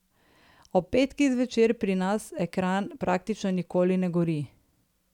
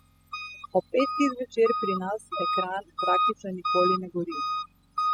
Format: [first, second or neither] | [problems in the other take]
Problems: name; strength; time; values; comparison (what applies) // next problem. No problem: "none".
first | noise reduction (classical method spectral subtraction)